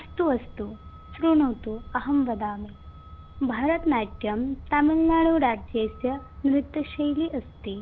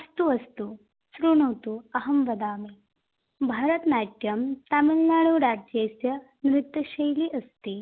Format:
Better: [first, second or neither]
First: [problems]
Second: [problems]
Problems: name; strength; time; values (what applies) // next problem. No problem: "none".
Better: second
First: background sound (Truck); 16 dB below the speech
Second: none